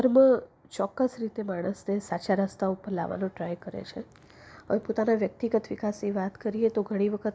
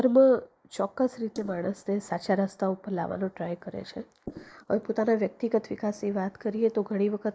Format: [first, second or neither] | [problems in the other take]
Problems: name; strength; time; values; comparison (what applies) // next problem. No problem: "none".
first | noise reduction (neural mask model Resemble Enhance denoiser)